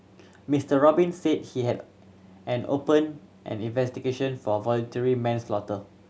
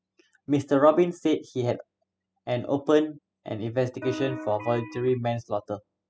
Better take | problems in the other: first | noise reduction (classical method spectral subtraction)

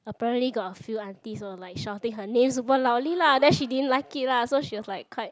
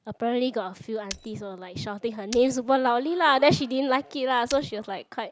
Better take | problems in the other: first | background sound (Shatter); 15 dB below the speech

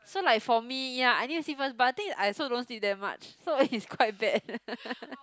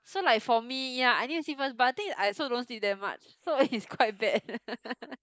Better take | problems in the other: first | noise reduction (neural mask model Resemble Enhance denoiser)

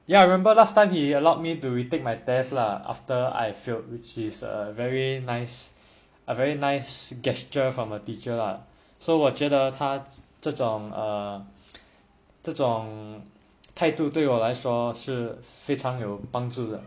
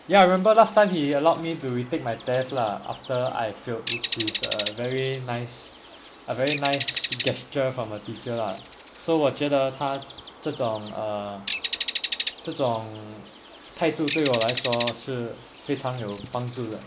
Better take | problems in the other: first | background sound (Bird); 10 dB below the speech

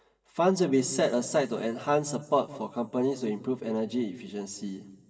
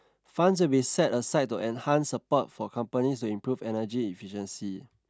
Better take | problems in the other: second | room echo; dies away in 2.1 s

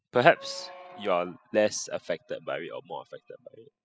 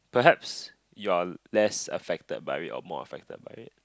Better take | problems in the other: second | noise reduction (classical method spectral subtraction)

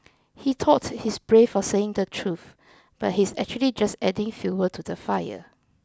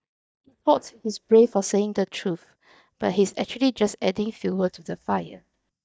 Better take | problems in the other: first | noise reduction (neural mask model DeepFilterNet 3)

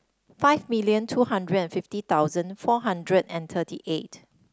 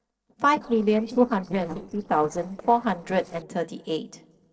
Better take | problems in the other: first | noise reduction (neural separator model SepFormer DNS4)

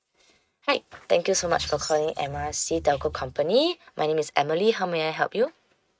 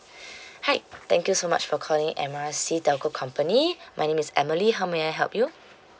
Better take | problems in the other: second | noise reduction (neural mask model RNNoise)

